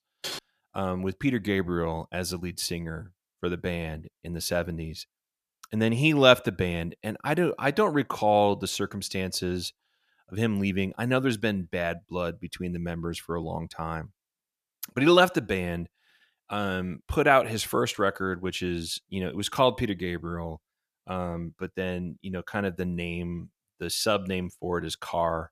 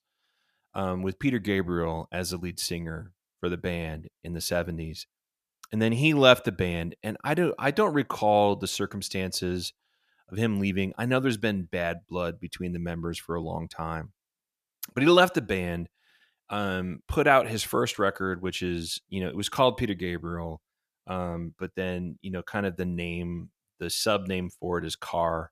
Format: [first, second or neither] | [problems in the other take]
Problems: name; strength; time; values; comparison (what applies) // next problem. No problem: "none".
second | keyboard typing; noticeable; at the start; peak 8 dB below the speech